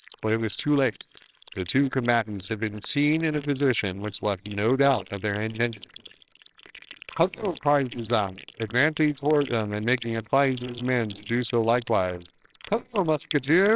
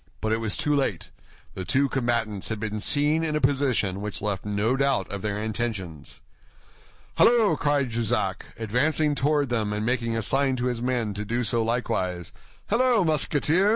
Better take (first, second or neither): second